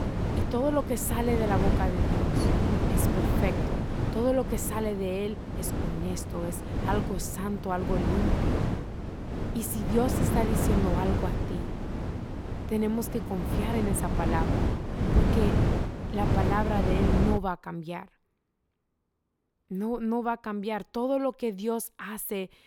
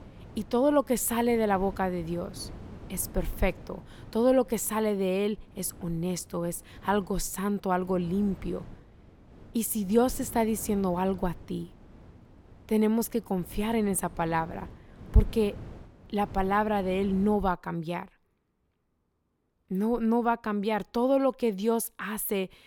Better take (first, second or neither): second